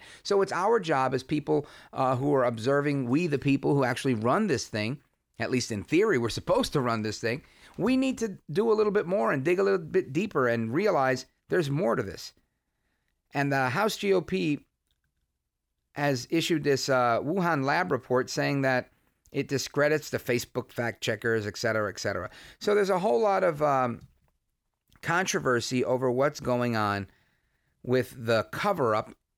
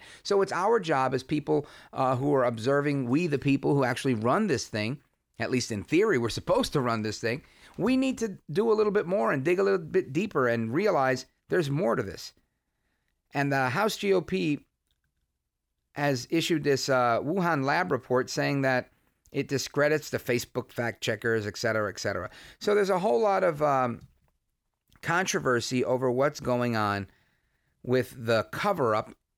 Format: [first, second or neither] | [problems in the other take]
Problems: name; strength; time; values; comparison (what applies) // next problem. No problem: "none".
neither | none